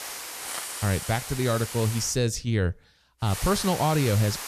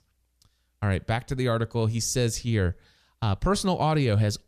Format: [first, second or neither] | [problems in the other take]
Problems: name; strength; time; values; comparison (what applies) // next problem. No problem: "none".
second | hiss; loud; until 2 s and from 3.5 s on; 7 dB below the speech